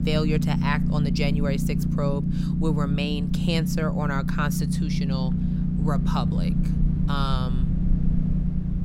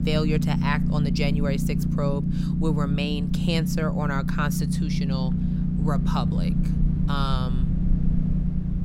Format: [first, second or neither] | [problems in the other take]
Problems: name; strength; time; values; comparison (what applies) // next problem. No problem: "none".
neither | low rumble; loud; throughout; 3 dB below the speech; the same in both